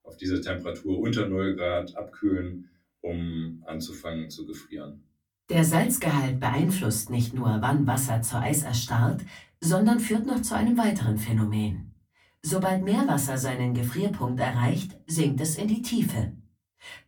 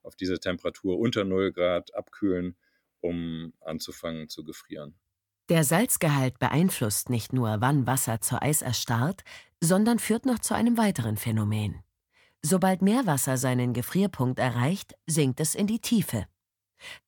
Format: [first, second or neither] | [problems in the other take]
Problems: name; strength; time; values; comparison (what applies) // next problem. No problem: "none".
second | off-mic speech; far // room echo; very slight; dies away in 0.2 s